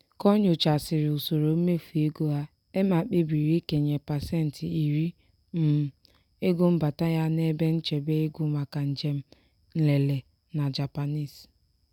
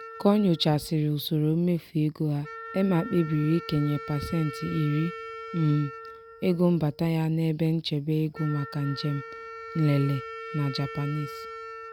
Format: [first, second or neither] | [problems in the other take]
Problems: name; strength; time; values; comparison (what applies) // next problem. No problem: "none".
first | background sound (Wind instrument, woodwind instrument); 14 dB below the speech